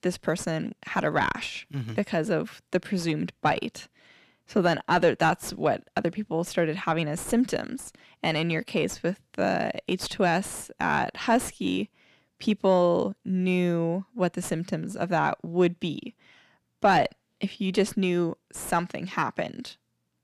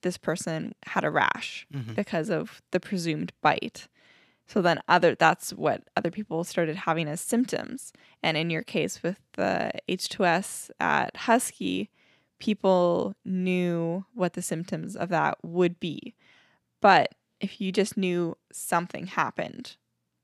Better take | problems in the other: second | distortion; slight; 10 dB below the speech

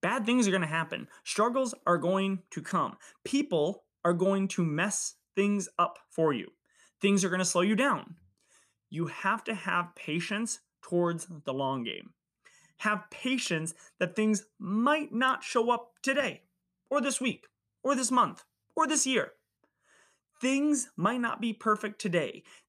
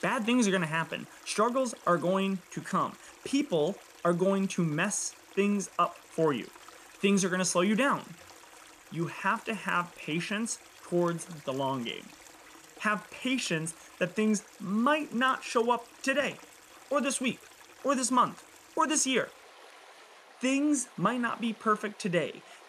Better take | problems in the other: first | rain or running water; faint; throughout; 20 dB below the speech

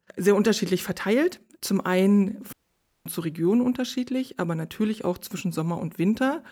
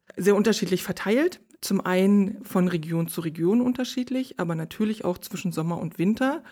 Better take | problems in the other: second | audio cutting out; at 2.5 s for 0.5 s

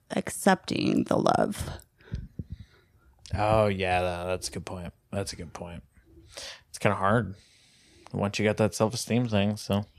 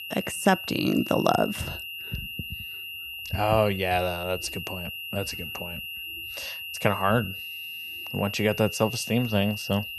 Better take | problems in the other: first | high-pitched whine; loud; throughout; 3 kHz, 8 dB below the speech

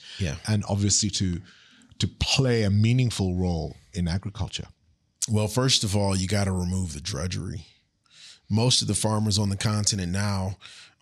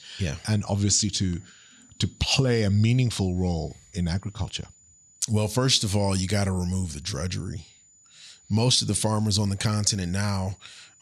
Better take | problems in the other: first | high-pitched whine; faint; throughout; 7 kHz, 30 dB below the speech

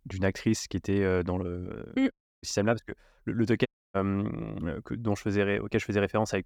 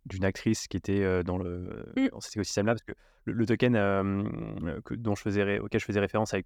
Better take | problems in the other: second | audio cutting out; at 2 s and at 3.5 s

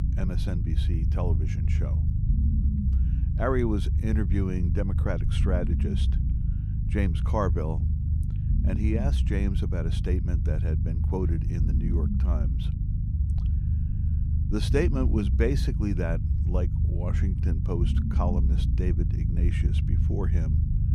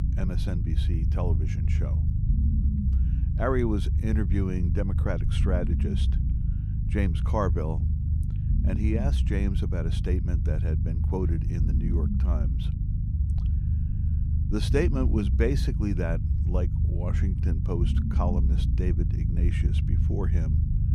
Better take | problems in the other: neither | low rumble; loud; throughout; 6 dB below the speech; the same in both

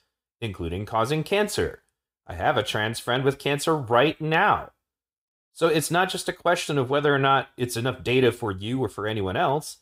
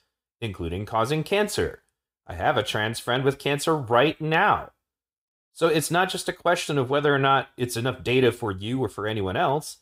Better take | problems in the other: neither | none

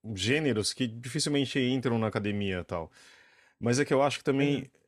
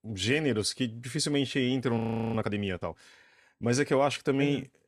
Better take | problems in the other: first | audio freezing; at 2 s

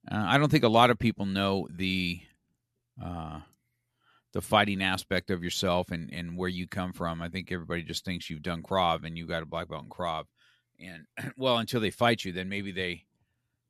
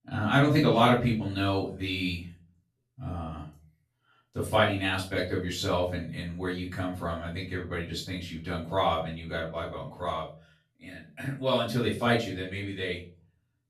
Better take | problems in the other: first | off-mic speech; far // room echo; slight; dies away in 0.3 s

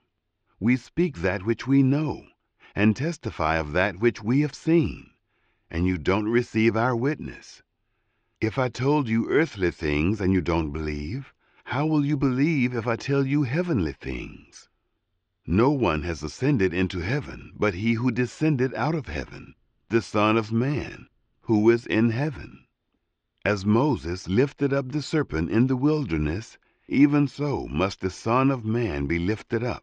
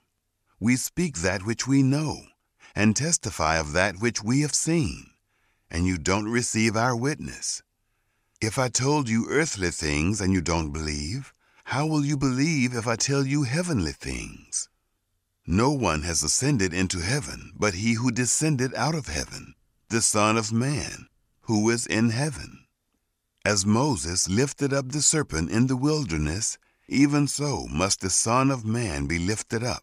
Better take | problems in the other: second | muffled; very; fading above 3.5 kHz

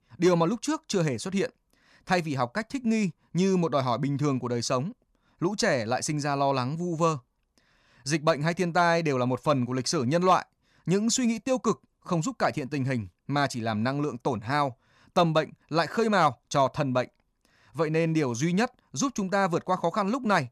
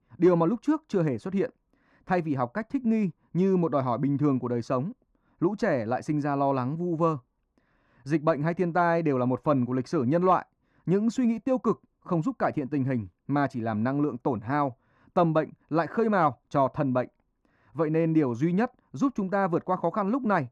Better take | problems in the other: first | muffled; very; fading above 2.5 kHz

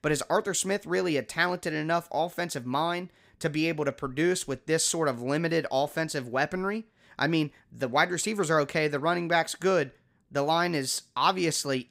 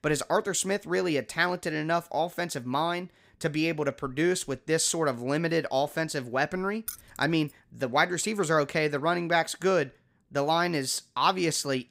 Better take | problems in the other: first | jangling keys; faint; at 7 s; peak 10 dB below the speech

